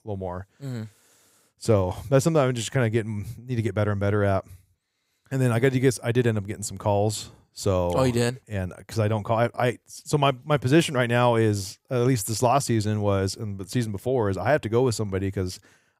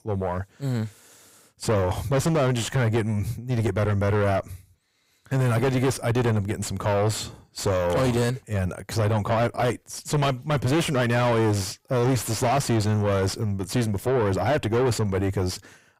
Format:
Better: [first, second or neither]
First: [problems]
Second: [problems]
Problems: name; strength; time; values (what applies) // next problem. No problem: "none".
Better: first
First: none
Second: distortion; heavy; 5 dB below the speech